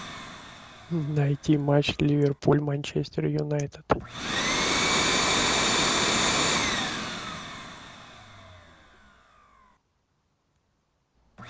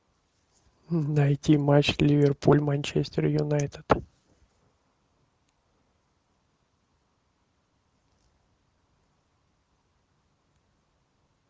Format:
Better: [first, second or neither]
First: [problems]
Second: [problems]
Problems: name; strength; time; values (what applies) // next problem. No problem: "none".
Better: second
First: background sound (Domestic sounds, home sounds); as loud as the speech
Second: none